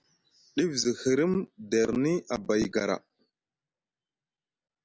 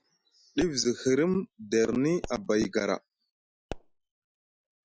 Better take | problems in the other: first | noise reduction (classical method Wiener filter)

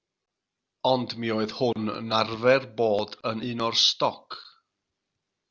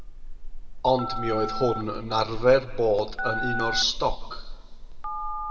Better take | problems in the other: first | background sound (Telephone); 4 dB below the speech // room echo; dies away in 1.1 s

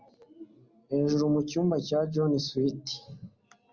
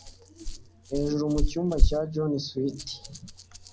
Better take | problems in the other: first | background sound (Rattle); 3 dB above the speech

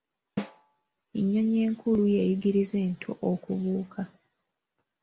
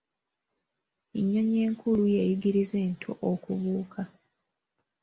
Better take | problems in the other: second | background sound (Snare drum); 13 dB below the speech

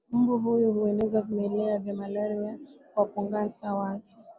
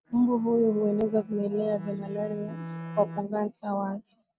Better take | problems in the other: first | noise reduction (neural mask model RNNoise)

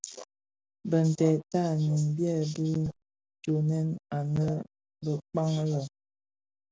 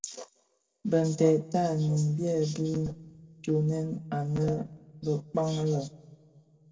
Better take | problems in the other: first | room echo; dies away in 0.6 s

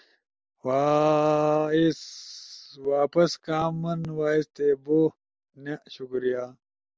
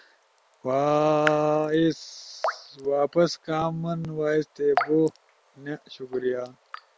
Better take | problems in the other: first | background sound (Raindrop / Drip); 11 dB below the speech

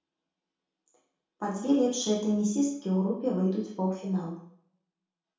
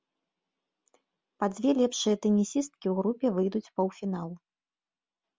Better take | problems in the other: second | room echo; dies away in 0.5 s

